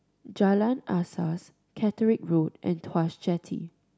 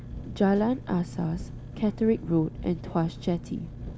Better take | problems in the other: first | background sound (Engine); 11 dB below the speech

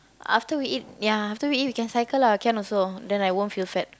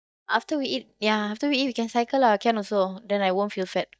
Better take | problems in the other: first | noise reduction (neural mask model DeepFilterNet 3)

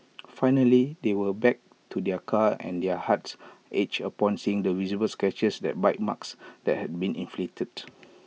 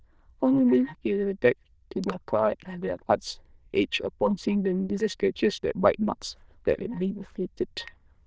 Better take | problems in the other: first | noise reduction (neural diffusion model UNIVERSE++)

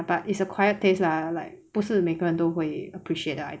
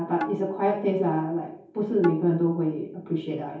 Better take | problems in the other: first | background sound (Tabla); 13 dB below the speech // room echo; dies away in 0.6 s

